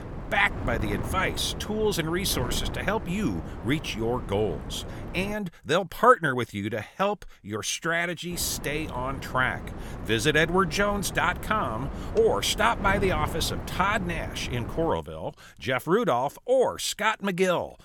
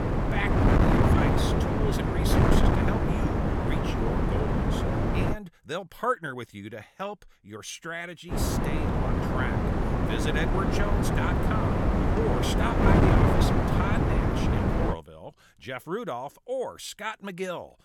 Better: first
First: wind noise on the microphone; occasional gusts; until 5.5 s and from 8.5 to 15 s; 15 dB below the speech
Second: wind noise on the microphone; heavy; until 5.5 s and from 8.5 to 15 s; 5 dB above the speech

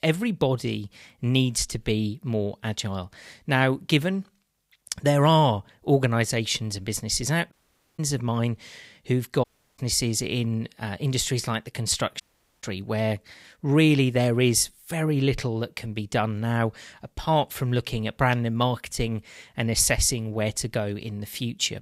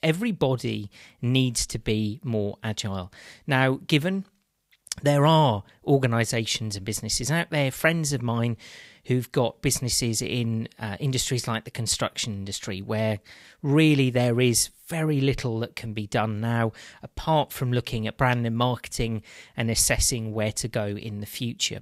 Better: second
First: audio cutting out; at 7.5 s, at 9.5 s and at 12 s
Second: none

